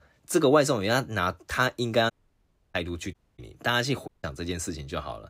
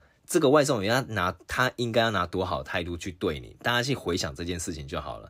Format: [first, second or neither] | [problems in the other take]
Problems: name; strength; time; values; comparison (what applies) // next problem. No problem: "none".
second | audio cutting out; at 2 s for 0.5 s, at 3 s and at 4 s